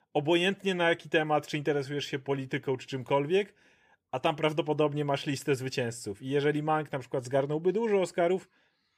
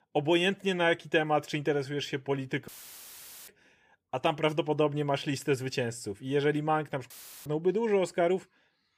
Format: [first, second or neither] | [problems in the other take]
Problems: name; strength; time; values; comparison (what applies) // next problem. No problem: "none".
first | audio cutting out; filled with static; at 2.5 s for 1 s and at 7 s